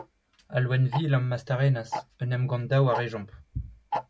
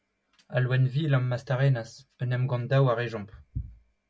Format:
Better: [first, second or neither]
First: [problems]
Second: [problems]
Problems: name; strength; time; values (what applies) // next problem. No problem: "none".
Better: second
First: background sound (Tick-tock); 12 dB below the speech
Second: none